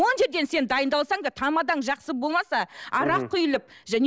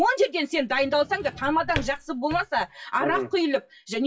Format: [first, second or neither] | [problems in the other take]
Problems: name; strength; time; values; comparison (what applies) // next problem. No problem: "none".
first | noise reduction (classical method WPE with log-MMSE)